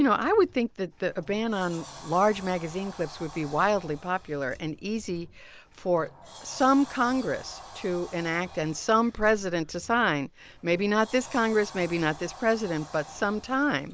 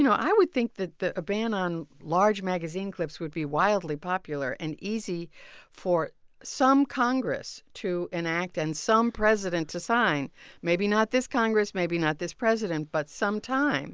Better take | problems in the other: second | background sound (Sliding door); 20 dB below the speech

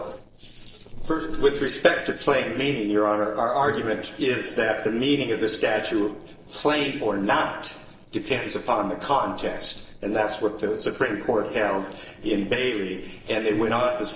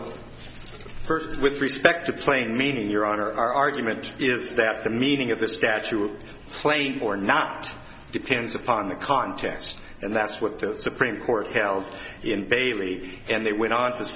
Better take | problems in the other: second | noise reduction (neural separator model SepFormer DNS4)

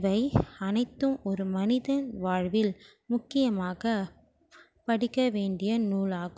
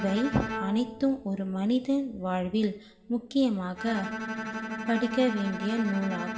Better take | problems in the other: first | background sound (Bowed string instrument); 8 dB below the speech // room echo; dies away in 0.7 s

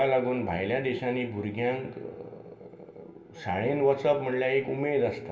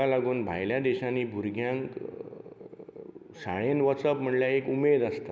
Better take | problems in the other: second | room echo; dies away in 0.2 s

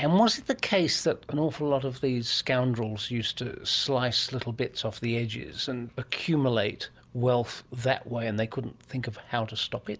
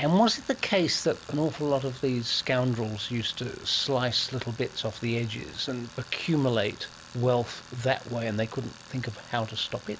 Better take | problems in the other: first | background sound (Tools); 20 dB below the speech

